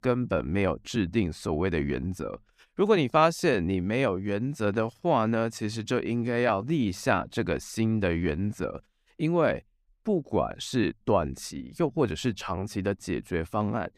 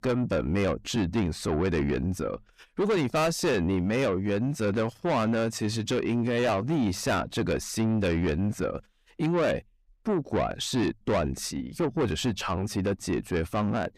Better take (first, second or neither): first